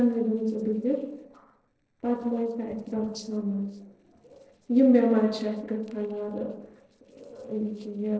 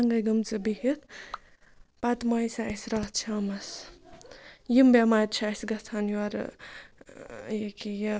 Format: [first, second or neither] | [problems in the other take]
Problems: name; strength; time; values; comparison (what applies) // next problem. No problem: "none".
second | noise reduction (neural separator model SepFormer DNS4)